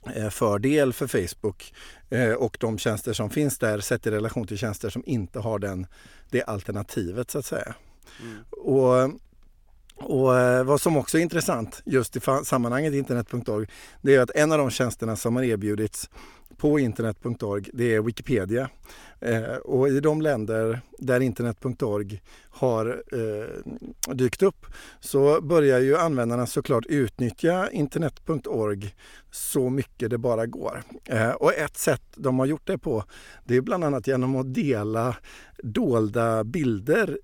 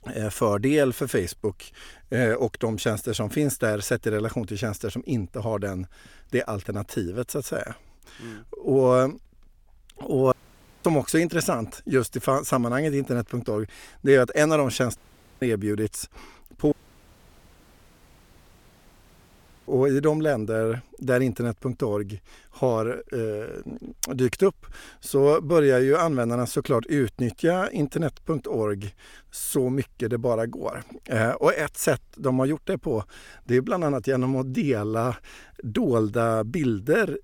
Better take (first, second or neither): first